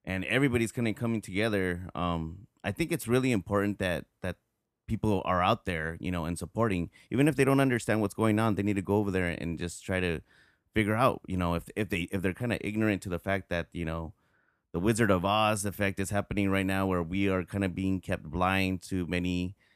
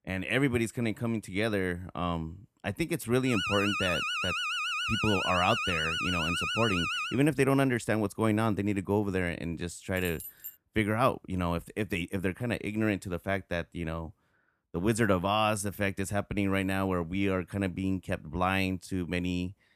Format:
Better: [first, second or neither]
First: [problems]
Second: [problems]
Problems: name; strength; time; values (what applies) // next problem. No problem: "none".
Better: first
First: none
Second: alarm; loud; from 3.5 to 7 s; peak 1 dB above the speech // jangling keys; faint; at 10 s; peak 10 dB below the speech